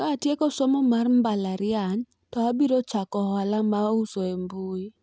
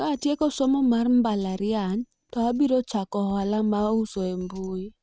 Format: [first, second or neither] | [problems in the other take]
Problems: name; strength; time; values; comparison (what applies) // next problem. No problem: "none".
first | noise reduction (neural mask model RNNoise)